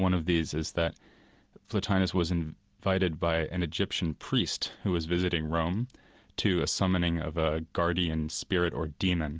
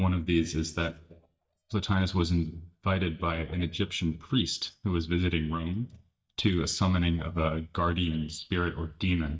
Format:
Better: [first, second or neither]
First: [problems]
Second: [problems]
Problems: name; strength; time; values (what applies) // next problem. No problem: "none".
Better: first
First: none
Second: noise reduction (neural mask model DeepFilterNet 3)